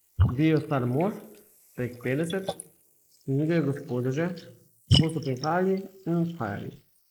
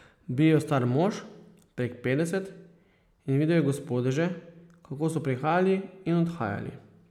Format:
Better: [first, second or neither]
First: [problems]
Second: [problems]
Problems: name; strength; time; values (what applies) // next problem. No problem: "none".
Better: second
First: noise reduction (neural mask model Resemble Enhance denoiser)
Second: none